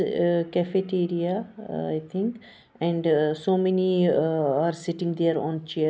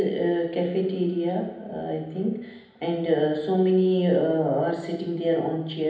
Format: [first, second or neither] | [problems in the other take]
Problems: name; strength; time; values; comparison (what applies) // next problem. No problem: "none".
first | room echo; dies away in 0.9 s